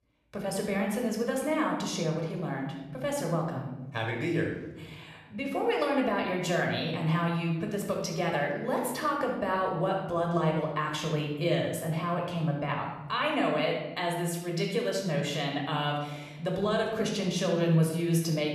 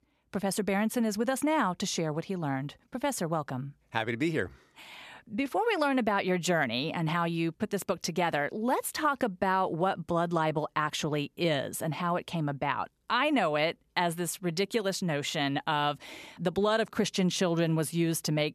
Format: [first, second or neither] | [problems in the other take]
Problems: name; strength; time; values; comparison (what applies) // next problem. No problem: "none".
second | room echo; noticeable; dies away in 1 s // off-mic speech; somewhat distant